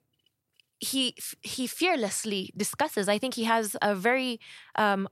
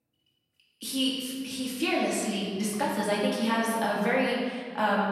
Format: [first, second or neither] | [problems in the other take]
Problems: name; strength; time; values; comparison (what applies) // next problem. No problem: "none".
first | off-mic speech; far // room echo; noticeable; dies away in 1.7 s